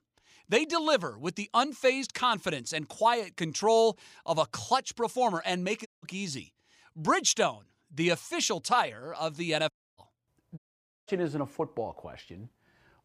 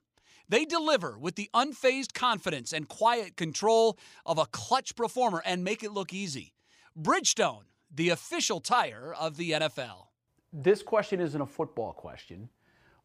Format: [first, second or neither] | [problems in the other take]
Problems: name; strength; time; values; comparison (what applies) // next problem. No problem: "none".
second | audio cutting out; at 6 s, at 9.5 s and at 11 s